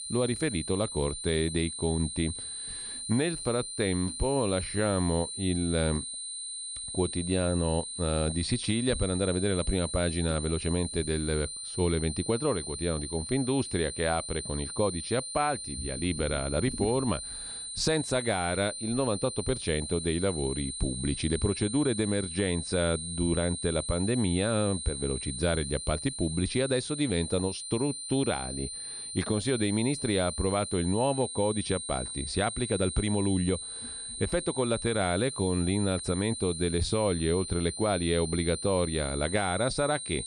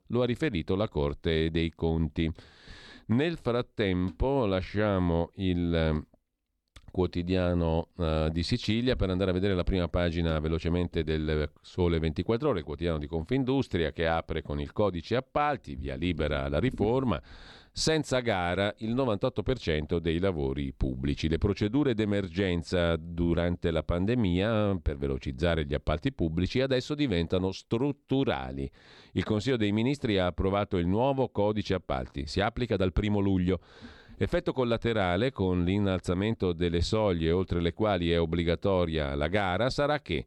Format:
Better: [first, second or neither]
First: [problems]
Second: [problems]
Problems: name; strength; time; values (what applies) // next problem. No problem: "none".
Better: second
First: high-pitched whine; loud; throughout; 9 kHz, 6 dB below the speech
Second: none